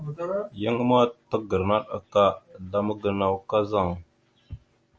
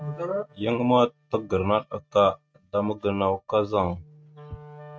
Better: first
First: none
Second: noise reduction (neural mask model RNNoise)

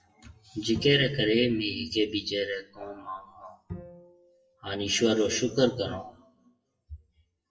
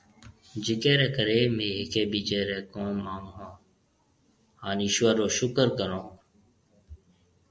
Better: second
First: noise reduction (classical method WPE with log-MMSE)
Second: none

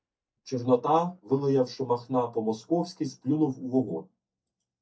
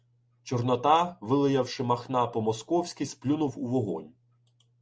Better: second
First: noise reduction (neural mask model DeepFilterNet 3)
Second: none

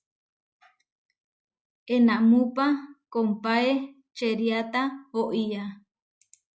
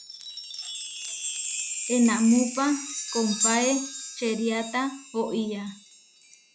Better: first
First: none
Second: background sound (Chime); 5 dB below the speech

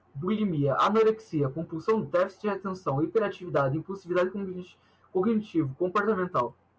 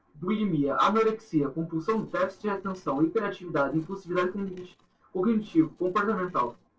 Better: first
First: none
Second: noise reduction (neural separator model SepFormer DNS4)

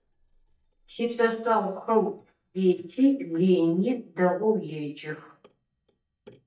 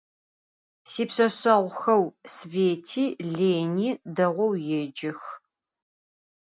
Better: second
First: noise reduction (neural mask model DeepFilterNet 3)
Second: none

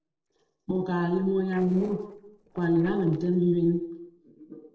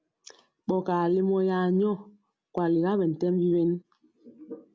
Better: second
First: noise reduction (neural separator model SepFormer DNS4)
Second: none

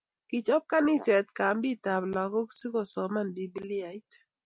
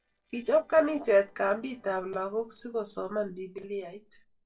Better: first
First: none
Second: noise reduction (neural separator model SepFormer DNS4)

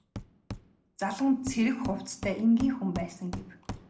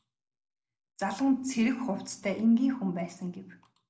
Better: second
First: background sound (Hammer); 13 dB below the speech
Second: none

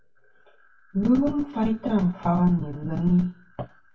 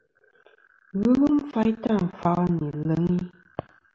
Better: second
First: room echo; dies away in 0.1 s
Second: none

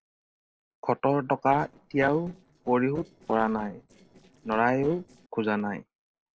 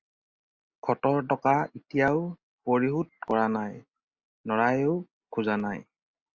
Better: second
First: noise reduction (neural separator model SepFormer DNS4)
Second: none

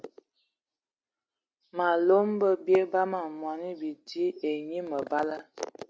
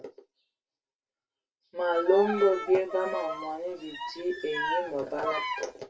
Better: first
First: none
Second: background sound (Bowed string instrument); 5 dB below the speech // room echo; dies away in 0.2 s

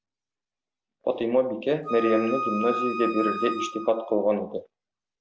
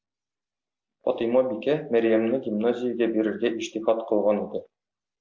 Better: second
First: background sound (Wind instrument, woodwind instrument); 4 dB below the speech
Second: none

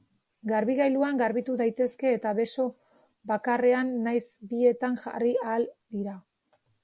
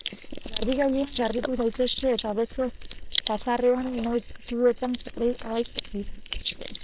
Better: first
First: none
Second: noise reduction (neural separator model SepFormer WHAM!)

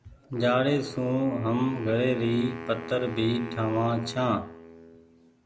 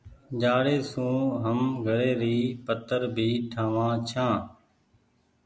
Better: second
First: background sound (Wind instrument, woodwind instrument); 13 dB below the speech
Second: none

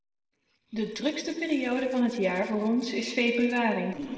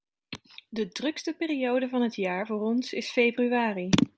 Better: second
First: noise reduction (neural separator model SepFormer DNS4)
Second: none

